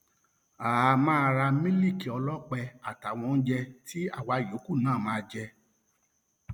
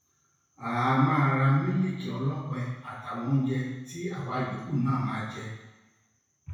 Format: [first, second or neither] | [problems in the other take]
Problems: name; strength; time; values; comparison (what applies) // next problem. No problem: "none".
first | room echo; dies away in 1 s